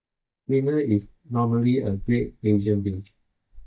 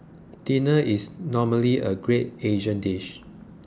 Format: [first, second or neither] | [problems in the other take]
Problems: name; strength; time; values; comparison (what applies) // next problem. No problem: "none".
second | noise reduction (neural mask model DeepFilterNet 3)